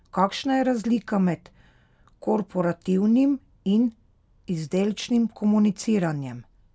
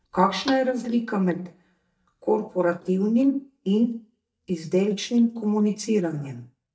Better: first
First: none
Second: noise reduction (neural mask model DeepFilterNet 3)

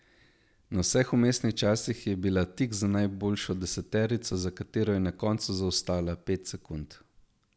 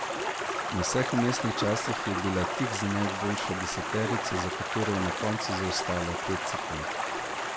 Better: first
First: none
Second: background sound (Stream); as loud as the speech

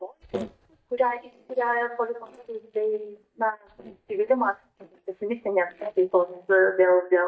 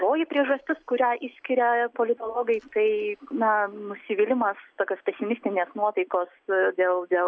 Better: second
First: noise reduction (neural mask model DeepFilterNet 3)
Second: none

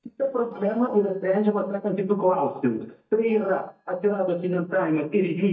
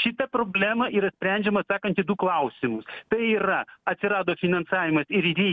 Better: second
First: noise reduction (neural mask model DeepFilterNet 3)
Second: none

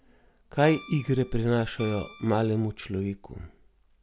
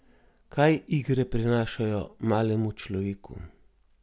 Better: second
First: background sound (Guitar); 18 dB below the speech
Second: none

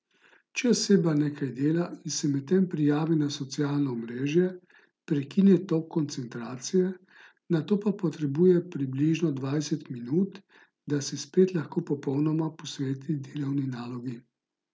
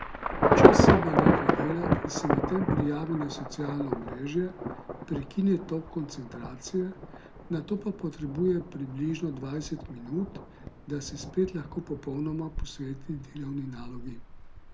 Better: first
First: none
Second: background sound (Thunder / Traffic noise, roadway noise / Rain / Insect); 4 dB above the speech

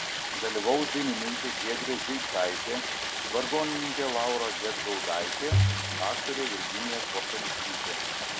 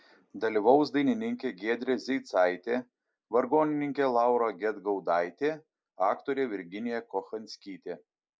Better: second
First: background sound (Stream + Bowed string instrument); 2 dB above the speech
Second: none

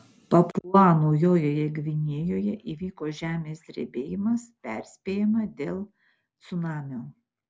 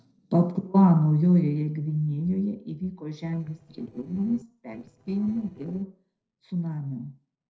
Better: first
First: none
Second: noise reduction (neural separator model SepFormer DNS4)

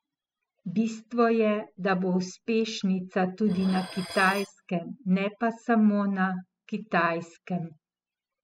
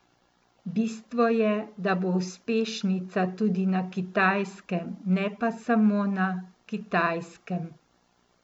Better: second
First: noise reduction (classical method spectral subtraction)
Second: none

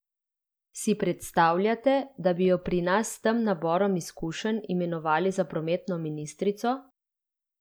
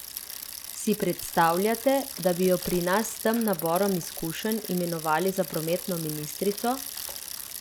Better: first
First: none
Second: background sound (Bicycle); 10 dB below the speech

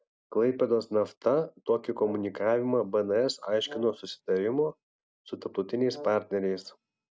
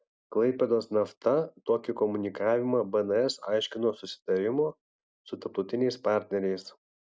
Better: second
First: background sound (Brass instrument); 19 dB below the speech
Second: none

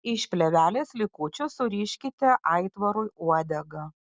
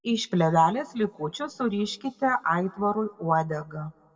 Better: first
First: none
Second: room echo; dies away in 1.3 s

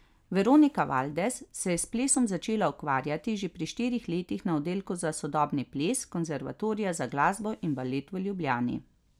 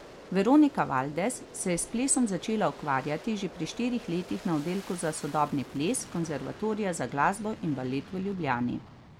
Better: first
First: none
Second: background sound (Aircraft); 18 dB below the speech

